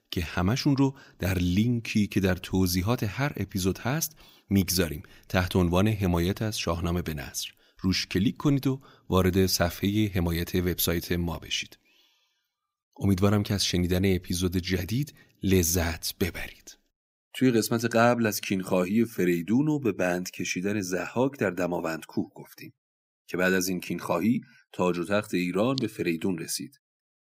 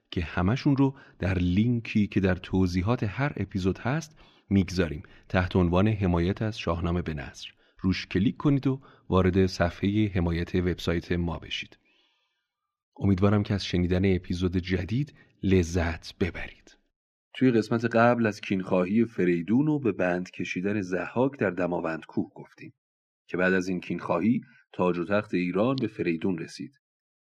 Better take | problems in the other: first | muffled; slightly; fading above 3 kHz

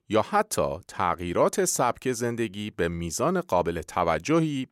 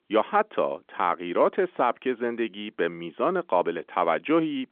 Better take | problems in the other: first | phone-call audio; nothing above 3.5 kHz

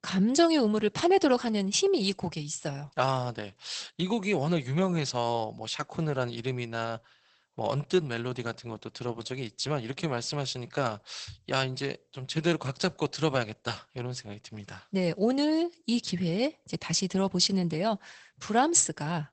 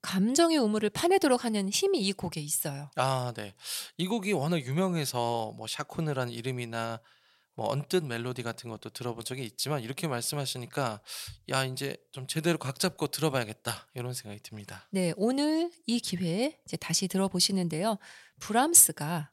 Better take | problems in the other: second | garbled, watery; badly; nothing above 8 kHz

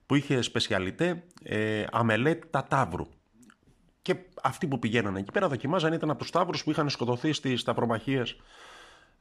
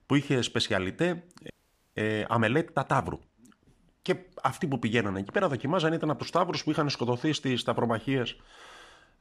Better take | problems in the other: first | audio freezing; at 1.5 s

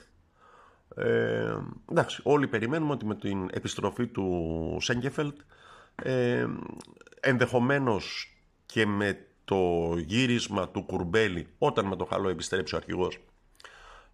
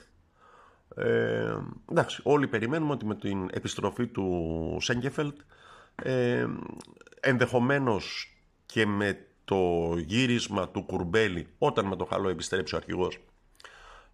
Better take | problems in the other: neither | none

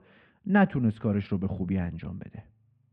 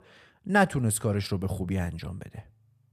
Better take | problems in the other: second | muffled; very; fading above 2.5 kHz

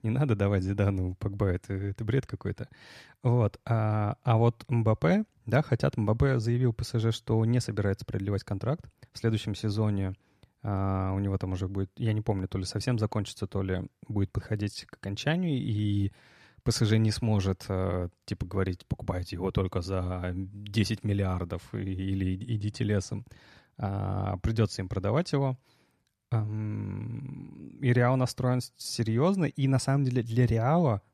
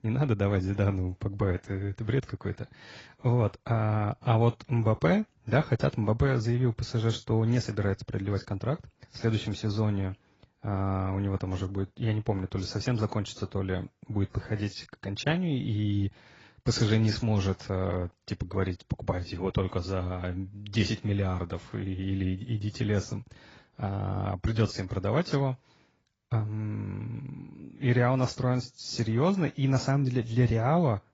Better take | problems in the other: first | garbled, watery; badly; nothing above 7.5 kHz

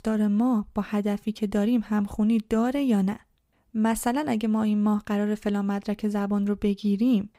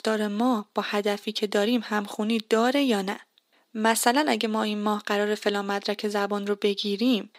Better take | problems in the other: first | thin; somewhat; fading below 300 Hz

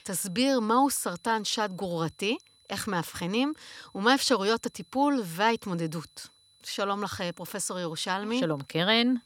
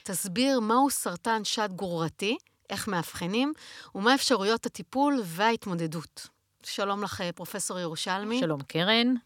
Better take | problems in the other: second | high-pitched whine; faint; throughout; 4 kHz, 30 dB below the speech

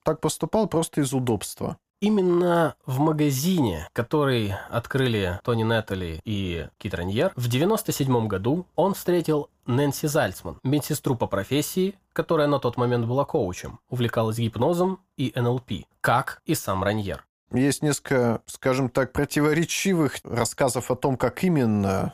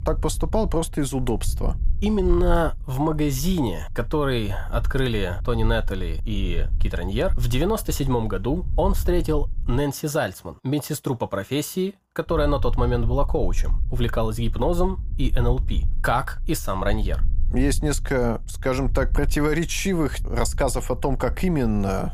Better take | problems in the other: first | low rumble; faint; until 10 s and from 12 s on; 25 dB below the speech

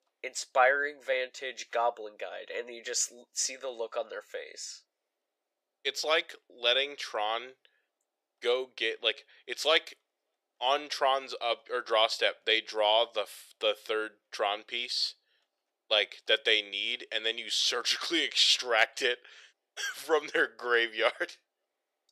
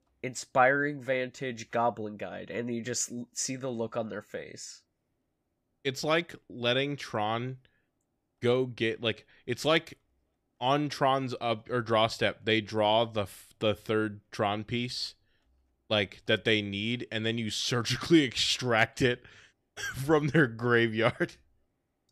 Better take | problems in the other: second | thin; very; fading below 450 Hz

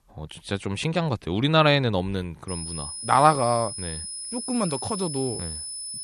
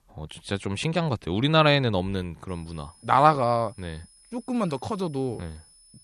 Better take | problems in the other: second | high-pitched whine; loud; from 2.5 s on; 9.5 kHz, 8 dB below the speech; faint in the second

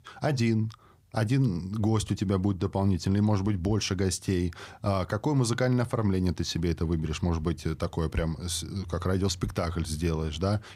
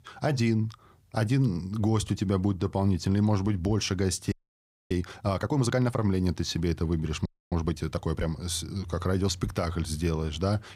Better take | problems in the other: first | audio freezing; at 4.5 s for 0.5 s and at 7.5 s

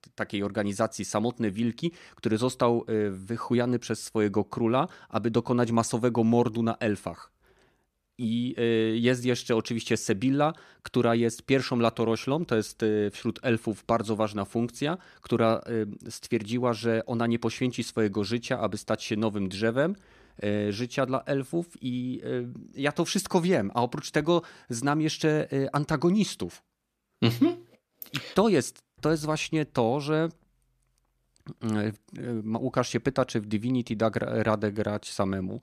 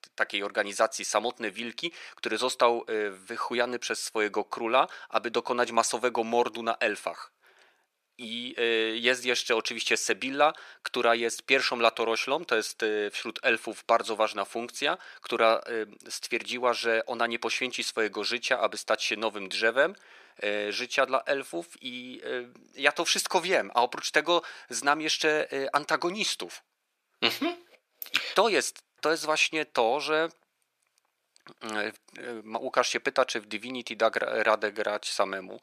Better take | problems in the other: first | thin; very; fading below 600 Hz

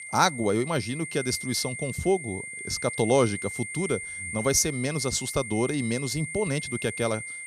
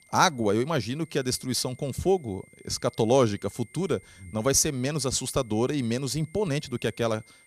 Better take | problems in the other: second | high-pitched whine; loud; throughout; 2 kHz, 7 dB below the speech; faint in the second

